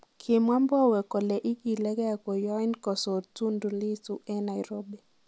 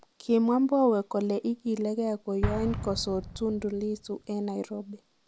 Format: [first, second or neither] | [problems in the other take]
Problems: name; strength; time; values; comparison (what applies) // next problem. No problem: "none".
first | background sound (Explosion); 11 dB below the speech